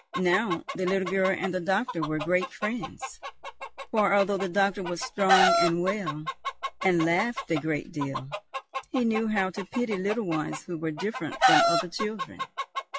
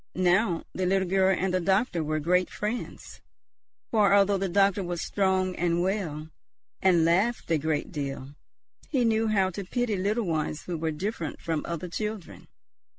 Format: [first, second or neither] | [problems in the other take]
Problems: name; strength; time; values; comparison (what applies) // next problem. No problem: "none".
second | noise reduction (classical method log-MMSE)